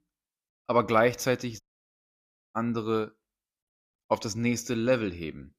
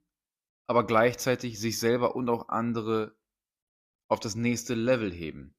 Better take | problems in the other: second | audio cutting out; at 1.5 s for 1 s

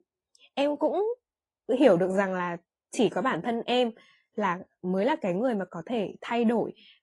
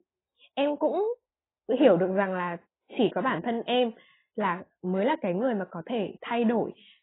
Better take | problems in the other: first | garbled, watery; badly; nothing above 3.5 kHz; slightly in the first

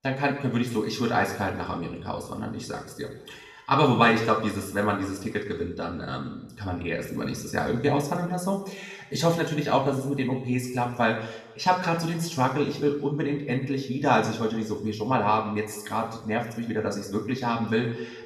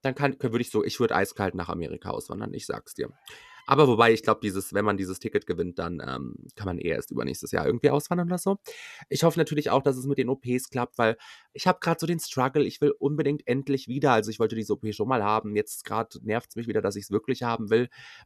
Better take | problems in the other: second | room echo; noticeable; dies away in 0.9 s // off-mic speech; somewhat distant

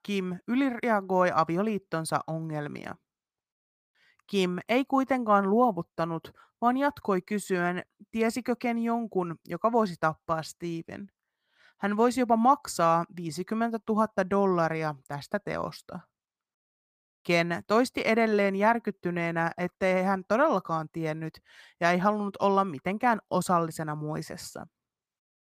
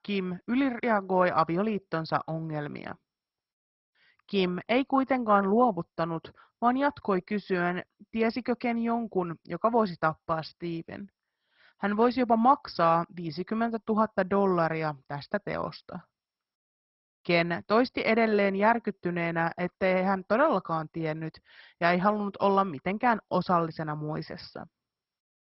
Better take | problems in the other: first | garbled, watery; badly; nothing above 5.5 kHz

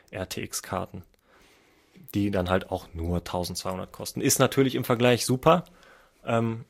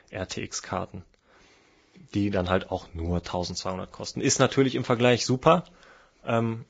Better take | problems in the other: first | garbled, watery; badly; nothing above 7.5 kHz; slightly in the first

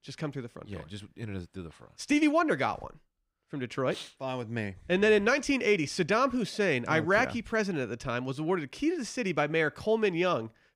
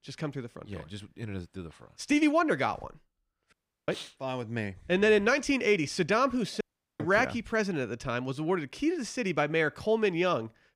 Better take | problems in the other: first | audio cutting out; at 3.5 s and at 6.5 s

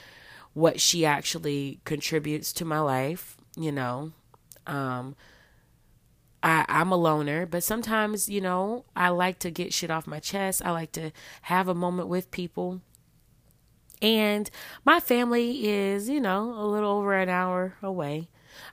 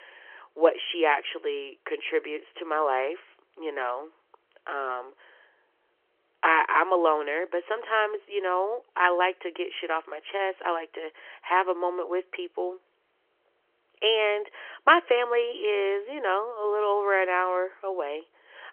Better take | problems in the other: first | phone-call audio; nothing above 3.5 kHz

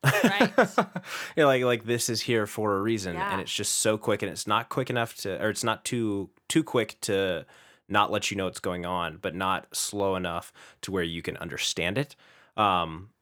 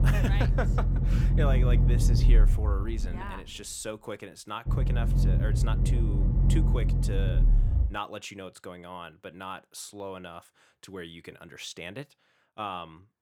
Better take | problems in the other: first | low rumble; loud; until 8 s; 3 dB below the speech

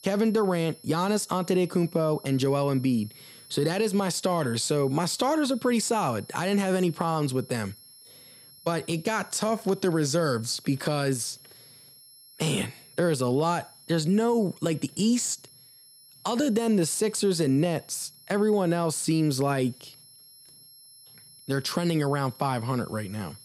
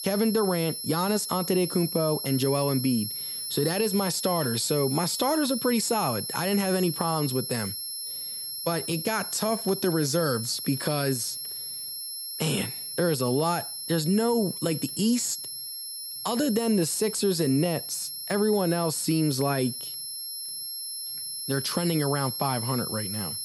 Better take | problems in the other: first | high-pitched whine; loud; throughout; 5.5 kHz, 5 dB below the speech; faint in the first

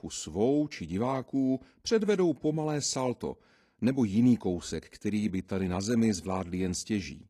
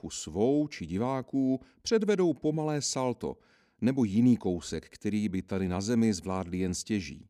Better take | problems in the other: second | garbled, watery; slightly

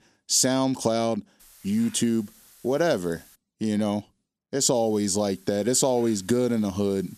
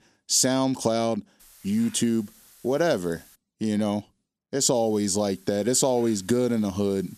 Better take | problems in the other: neither | hiss; faint; from 1.5 to 3.5 s and from 4.5 s on; 25 dB below the speech; the same in both

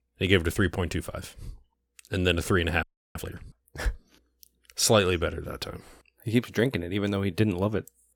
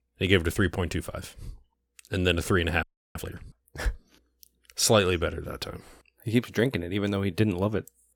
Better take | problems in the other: neither | audio freezing; at 3 s; the same in both

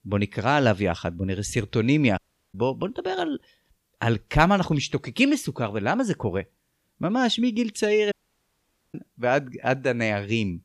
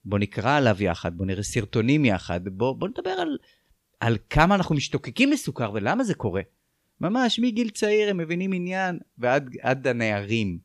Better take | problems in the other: second | audio cutting out; at 2 s and at 8 s for 1 s

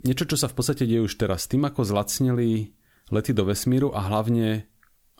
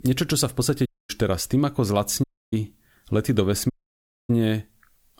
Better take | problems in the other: first | audio cutting out; at 1 s, at 2 s and at 3.5 s for 0.5 s

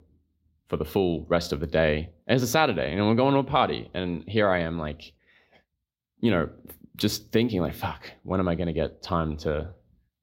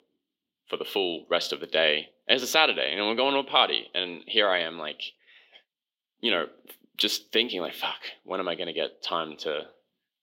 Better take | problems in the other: first | thin; somewhat; fading below 350 Hz

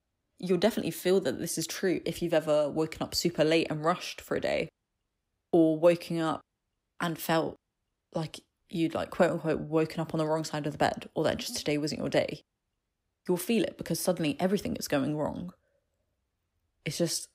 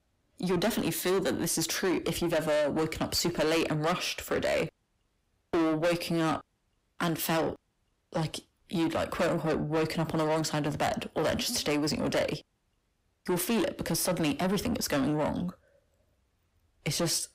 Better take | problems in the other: first | distortion; heavy; 6 dB below the speech

